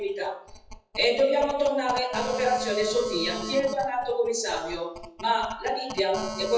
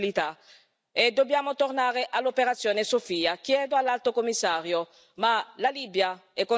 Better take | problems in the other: second | noise reduction (classical method WPE with log-MMSE)

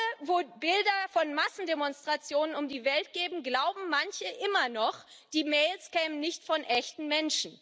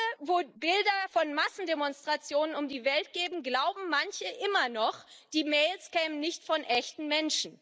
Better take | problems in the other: first | noise reduction (neural mask model Resemble Enhance denoiser)

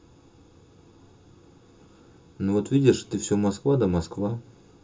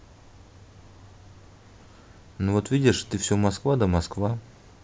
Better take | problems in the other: second | room echo; dies away in 0.2 s

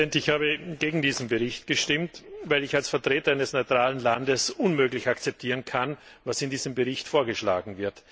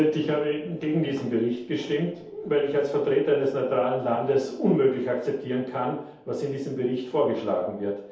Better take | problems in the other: first | room echo; dies away in 0.8 s

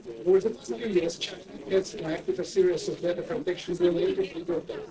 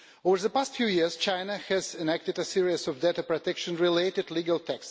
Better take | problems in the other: second | noise reduction (neural separator model SepFormer DNS4)

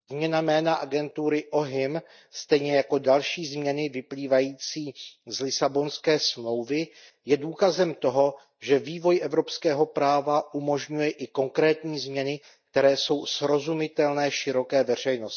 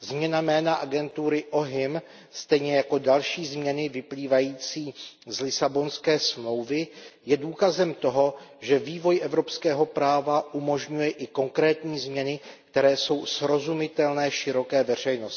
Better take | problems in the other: second | noise reduction (neural mask model DeepFilterNet 3)

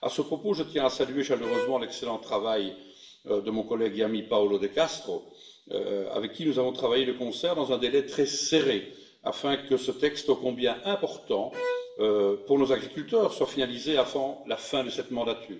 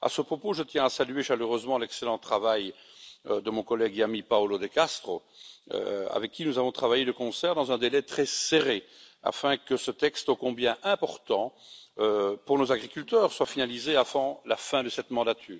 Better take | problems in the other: second | background sound (Bowed string instrument); 10 dB below the speech // room echo; dies away in 0.7 s

